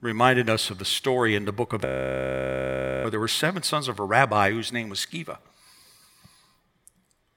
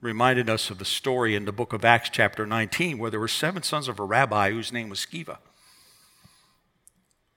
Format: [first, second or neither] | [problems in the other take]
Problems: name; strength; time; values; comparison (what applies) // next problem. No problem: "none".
second | audio freezing; at 2 s for 1 s